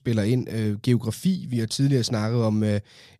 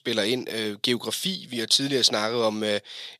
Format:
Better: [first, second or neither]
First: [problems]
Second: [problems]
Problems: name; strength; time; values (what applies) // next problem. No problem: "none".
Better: first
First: none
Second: thin; somewhat; fading below 450 Hz